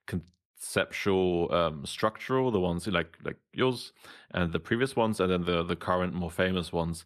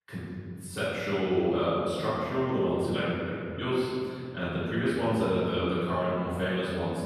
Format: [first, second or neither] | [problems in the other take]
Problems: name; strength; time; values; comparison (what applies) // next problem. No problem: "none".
first | room echo; strong; dies away in 2.5 s // off-mic speech; far